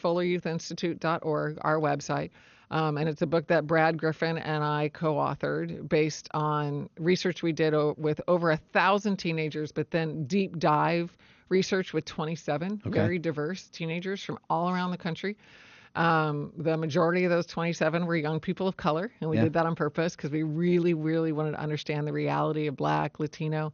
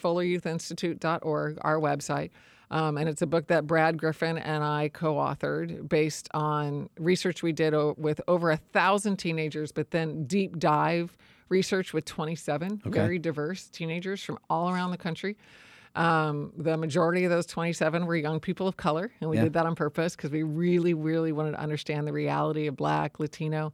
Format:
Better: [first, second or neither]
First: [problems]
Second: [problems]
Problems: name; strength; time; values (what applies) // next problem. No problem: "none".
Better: second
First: garbled, watery; slightly; nothing above 6.5 kHz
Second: none